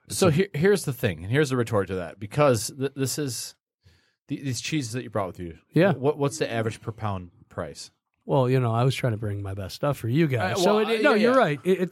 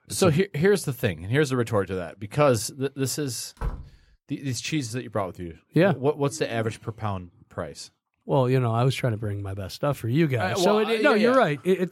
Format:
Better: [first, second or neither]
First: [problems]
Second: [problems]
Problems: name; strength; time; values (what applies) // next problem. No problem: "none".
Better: first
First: none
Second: door banging; faint; at 3.5 s; peak 10 dB below the speech